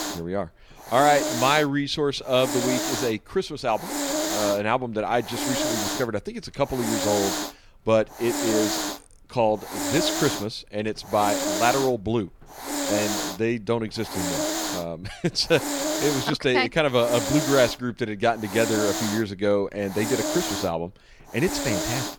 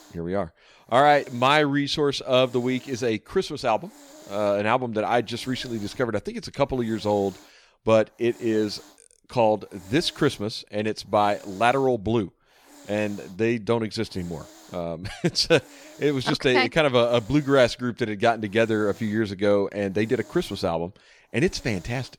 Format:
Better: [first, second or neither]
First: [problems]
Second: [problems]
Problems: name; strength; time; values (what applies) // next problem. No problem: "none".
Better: second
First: hiss; loud; throughout; 3 dB below the speech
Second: hiss; faint; throughout; 25 dB below the speech